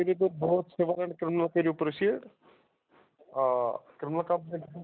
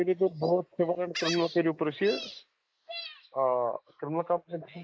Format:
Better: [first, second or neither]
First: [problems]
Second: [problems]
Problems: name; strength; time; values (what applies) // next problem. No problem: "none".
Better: first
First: none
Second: noise reduction (neural mask model Resemble Enhance denoiser)